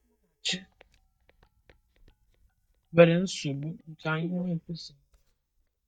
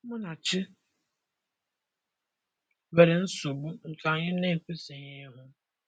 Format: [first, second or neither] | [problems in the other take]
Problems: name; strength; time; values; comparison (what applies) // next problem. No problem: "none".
second | noise reduction (neural mask model DeepFilterNet 3)